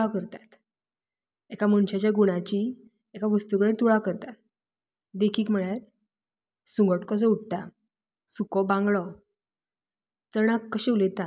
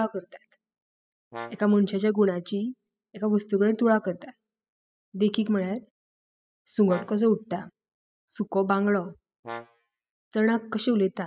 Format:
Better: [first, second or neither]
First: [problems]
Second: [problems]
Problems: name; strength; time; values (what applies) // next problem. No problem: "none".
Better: first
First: none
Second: noise reduction (classical method spectral subtraction)